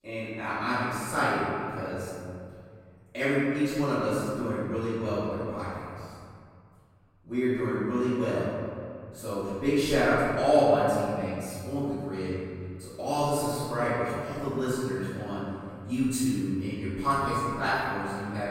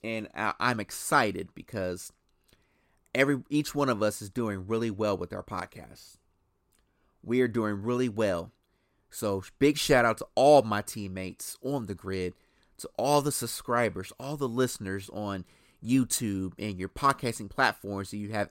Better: second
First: room echo; strong; dies away in 2.3 s // off-mic speech; far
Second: none

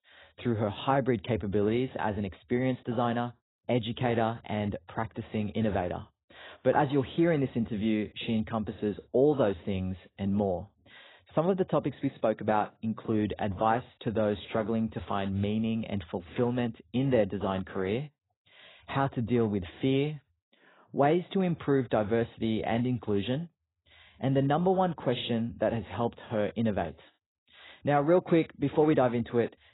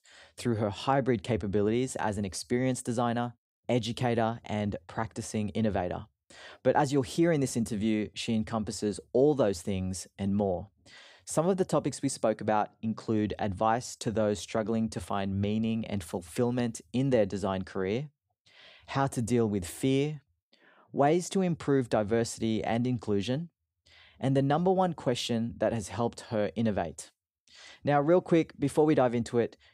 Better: second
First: garbled, watery; badly; nothing above 4 kHz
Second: none

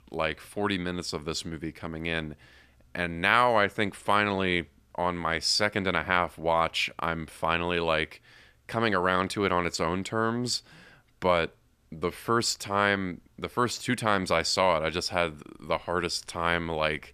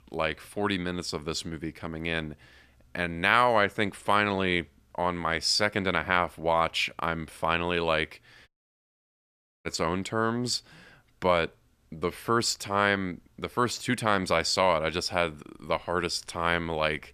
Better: first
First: none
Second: audio cutting out; at 8.5 s for 1 s

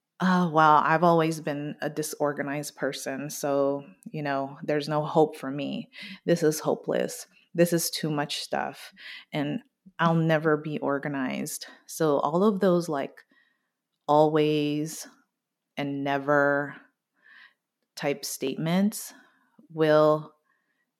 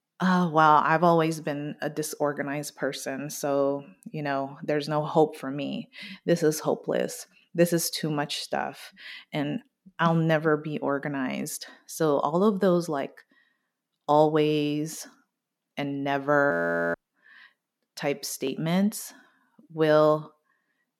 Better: first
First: none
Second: audio freezing; at 17 s

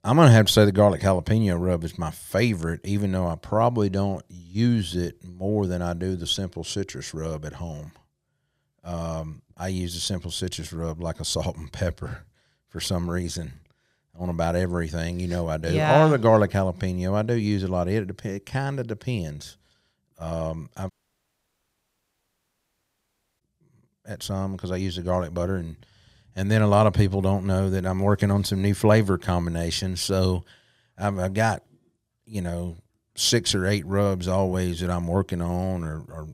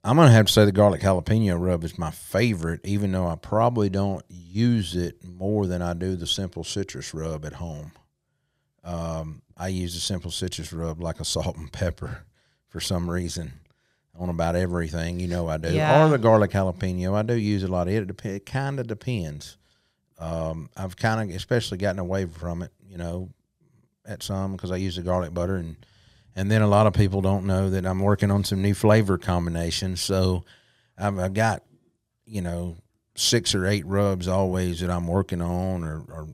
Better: second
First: audio cutting out; at 21 s for 2.5 s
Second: none

